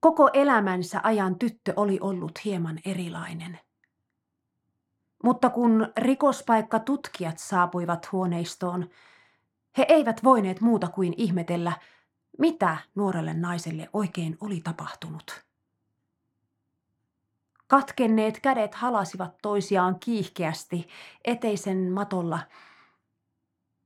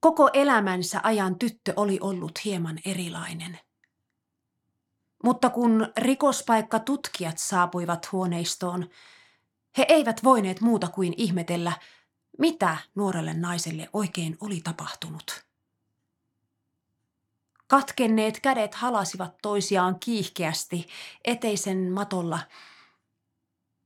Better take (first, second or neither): second